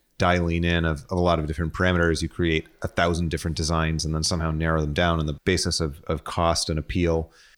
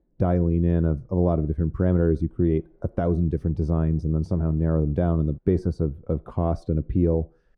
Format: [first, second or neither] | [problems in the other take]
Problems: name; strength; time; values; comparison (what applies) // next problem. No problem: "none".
first | muffled; very; fading above 1 kHz